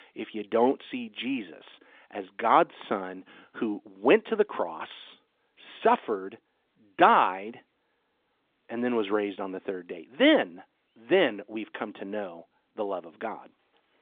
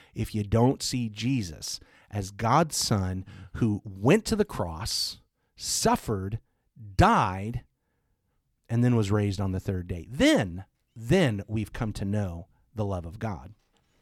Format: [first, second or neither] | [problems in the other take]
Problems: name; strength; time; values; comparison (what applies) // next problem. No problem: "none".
second | phone-call audio; nothing above 3 kHz